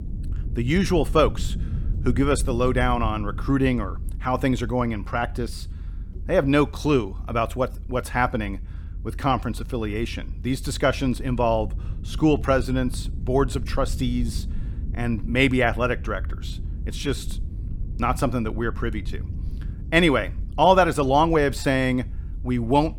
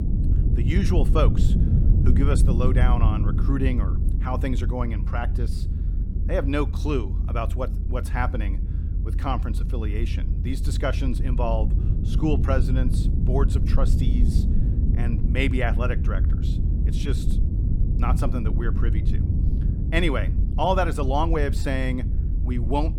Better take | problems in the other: first | low rumble; loud; throughout; 9 dB below the speech; faint in the first

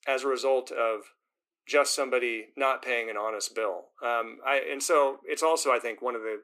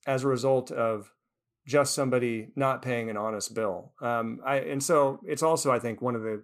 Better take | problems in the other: second | thin; somewhat; fading below 300 Hz

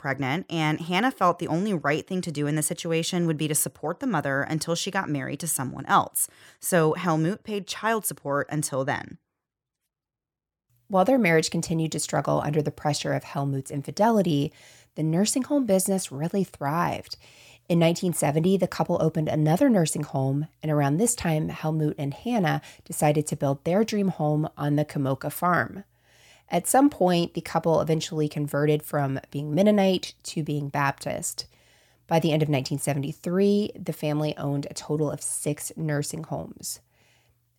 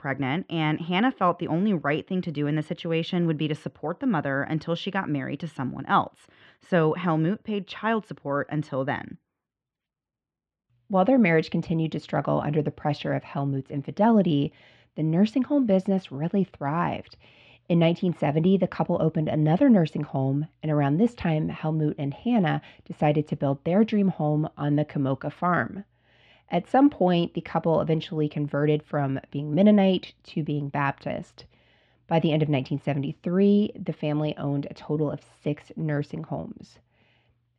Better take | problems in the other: first | muffled; very; fading above 3.5 kHz

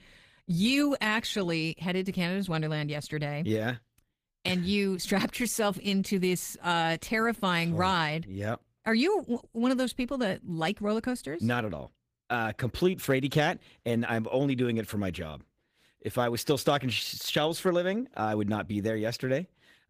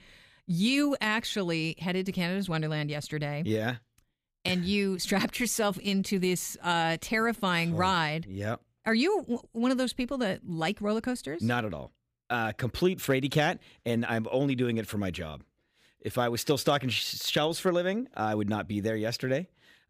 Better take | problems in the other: second | garbled, watery; slightly; nothing above 15 kHz

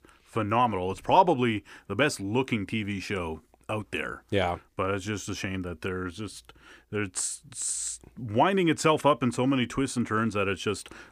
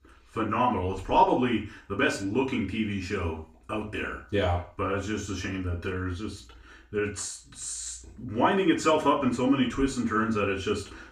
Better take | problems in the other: first | room echo; slight; dies away in 0.3 s // off-mic speech; far

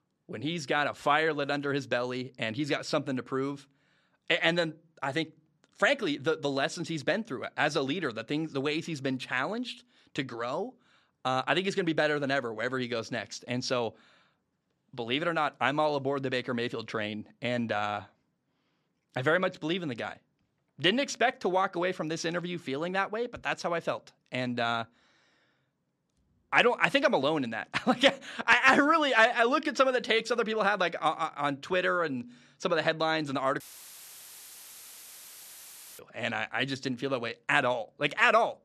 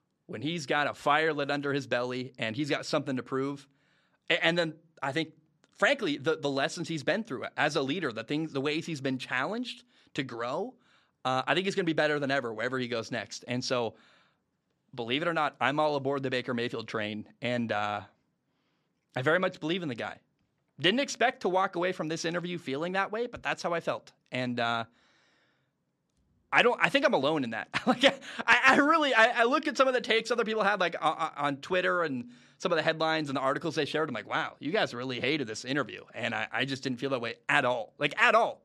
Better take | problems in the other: second | audio cutting out; filled with static; at 34 s for 2.5 s

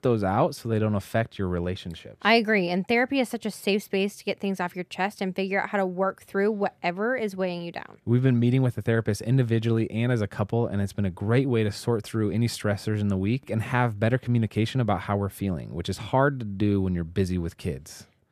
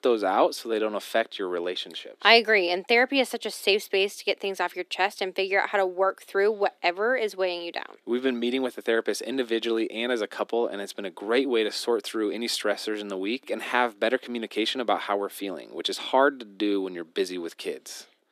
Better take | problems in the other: first | thin; somewhat; fading below 300 Hz

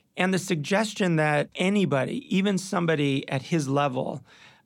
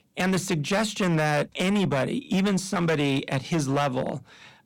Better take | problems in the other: first | distortion; slight; 14% of the sound clipped

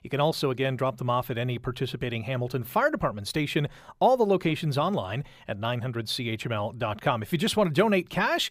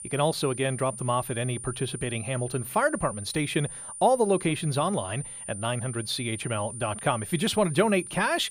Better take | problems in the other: first | high-pitched whine; loud; throughout; 9 kHz, 10 dB below the speech

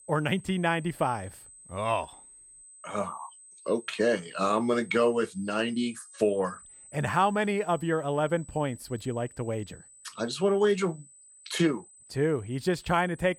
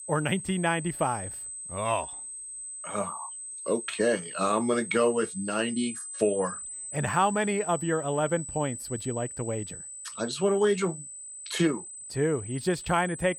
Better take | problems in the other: first | high-pitched whine; loud; throughout; 8 kHz, 9 dB below the speech; faint in the first

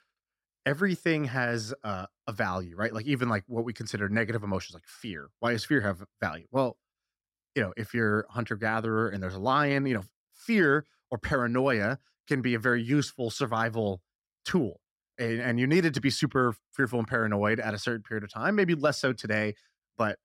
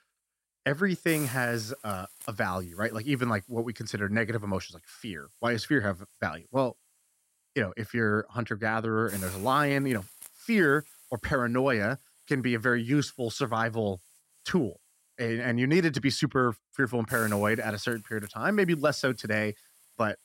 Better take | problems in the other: first | hiss; noticeable; throughout; 15 dB below the speech

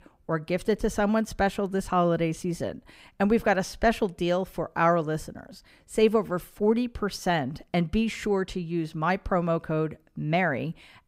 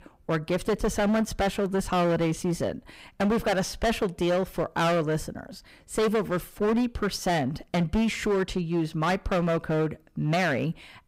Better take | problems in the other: first | distortion; heavy; 15% of the sound clipped

